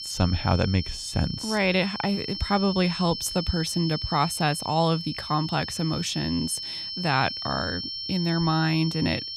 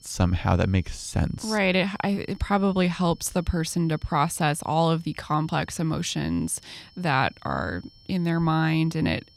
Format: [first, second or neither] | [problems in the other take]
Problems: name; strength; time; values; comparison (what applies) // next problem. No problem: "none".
second | high-pitched whine; loud; throughout; 5.5 kHz, 6 dB below the speech; faint in the second